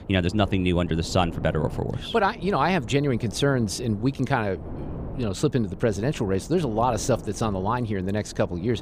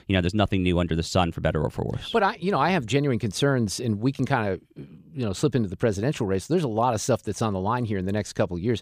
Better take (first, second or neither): second